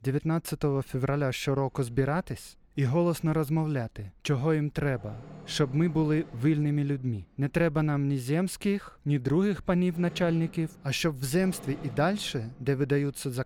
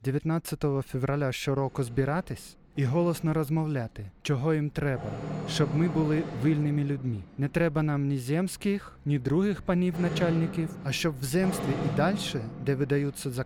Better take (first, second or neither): first